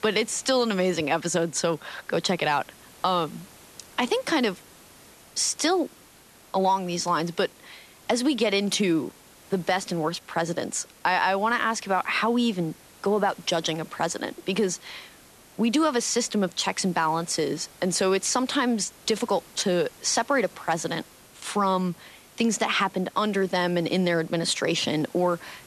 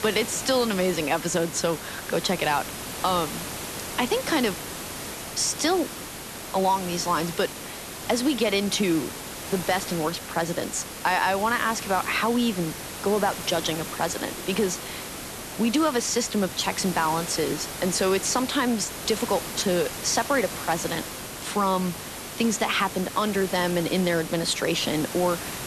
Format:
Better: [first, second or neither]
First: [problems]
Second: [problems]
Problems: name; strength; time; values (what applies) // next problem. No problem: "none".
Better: first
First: hiss; faint; throughout; 25 dB below the speech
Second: hiss; loud; throughout; 8 dB below the speech